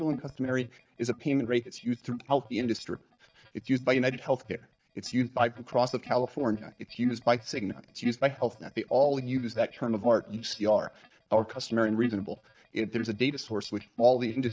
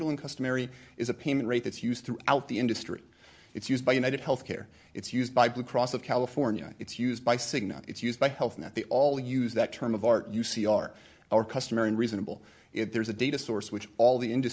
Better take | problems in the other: second | noise reduction (neural mask model DeepFilterNet 3)

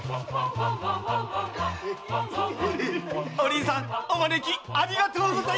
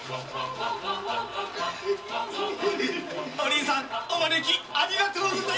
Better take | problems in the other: first | background sound (Rain); 18 dB below the speech // room echo; dies away in 0.3 s

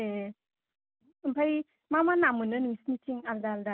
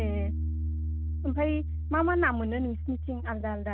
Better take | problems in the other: first | background sound (Piano); 1 dB below the speech

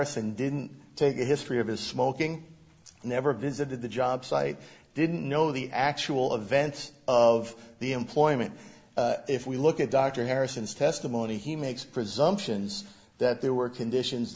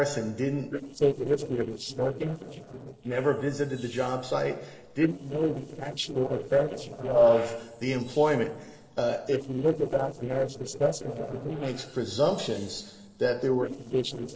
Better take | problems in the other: first | noise reduction (neural separator model SepFormer DNS4)

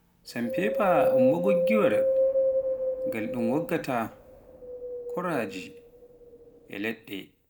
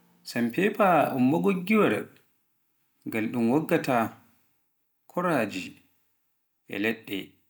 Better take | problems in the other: second | background sound (Wind); 3 dB above the speech

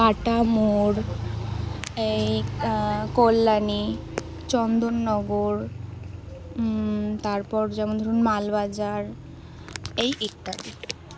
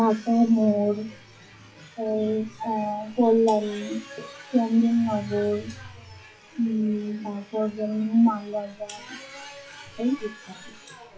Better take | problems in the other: first | noise reduction (classical method WPE with log-MMSE)

